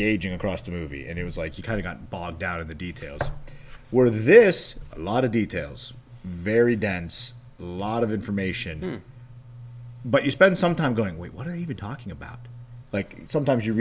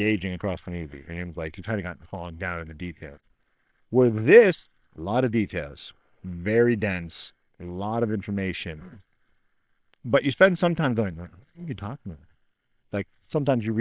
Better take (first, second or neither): first